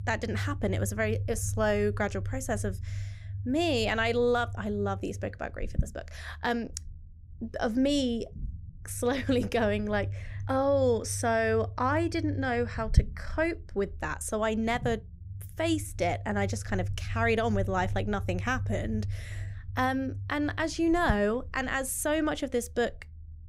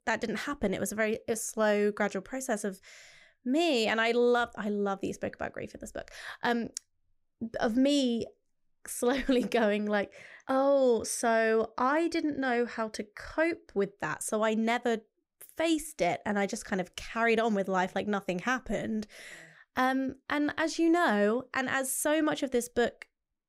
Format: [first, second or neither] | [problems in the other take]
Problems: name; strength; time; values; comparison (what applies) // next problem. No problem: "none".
second | low rumble; faint; throughout; 20 dB below the speech